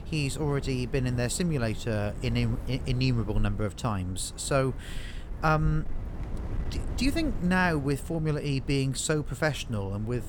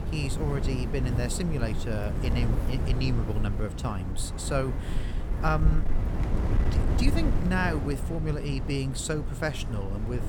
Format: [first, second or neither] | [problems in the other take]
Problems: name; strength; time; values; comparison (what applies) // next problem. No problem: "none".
first | wind noise on the microphone; heavy; 6 dB below the speech; occasional gusts in the first